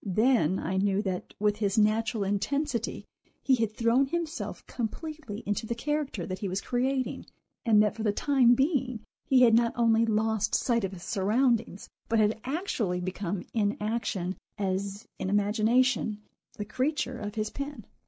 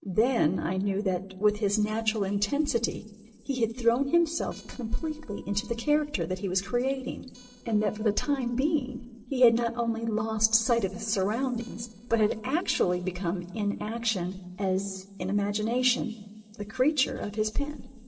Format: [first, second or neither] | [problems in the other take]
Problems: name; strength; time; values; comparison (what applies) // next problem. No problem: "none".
first | noise reduction (neural separator model SepFormer DNS4)